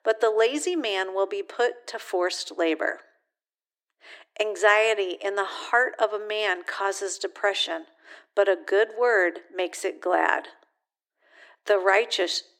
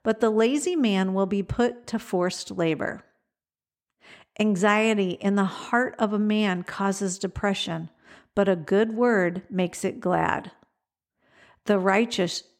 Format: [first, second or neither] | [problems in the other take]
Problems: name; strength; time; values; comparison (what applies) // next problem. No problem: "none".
second | thin; very; fading below 300 Hz